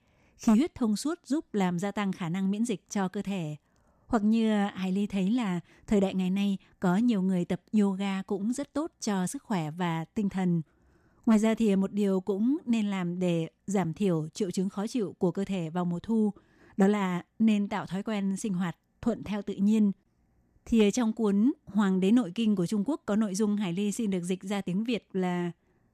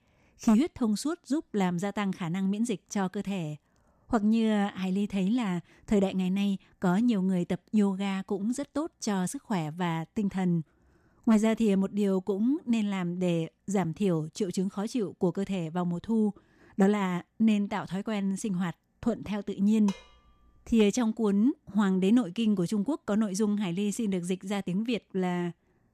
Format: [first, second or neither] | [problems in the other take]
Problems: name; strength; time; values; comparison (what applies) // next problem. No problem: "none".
first | clattering dishes; faint; at 20 s; peak 15 dB below the speech